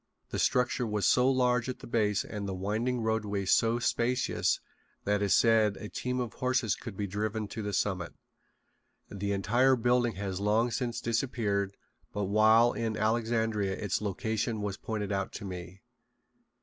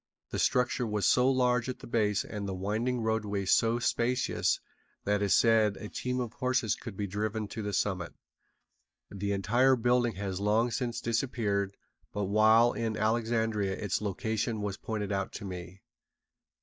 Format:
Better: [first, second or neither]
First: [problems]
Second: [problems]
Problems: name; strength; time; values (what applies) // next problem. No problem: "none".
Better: first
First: none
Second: noise reduction (neural mask model DeepFilterNet 3)